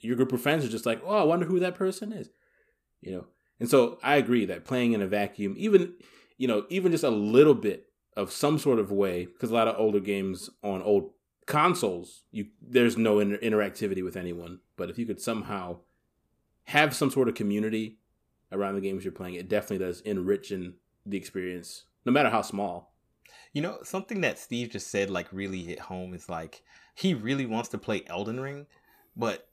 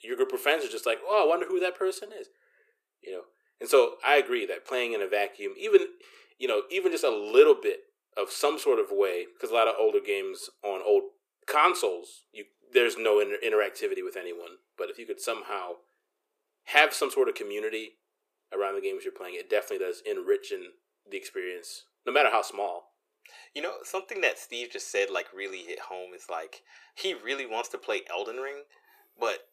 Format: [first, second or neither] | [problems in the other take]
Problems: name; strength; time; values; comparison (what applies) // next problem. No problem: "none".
first | thin; very; fading below 400 Hz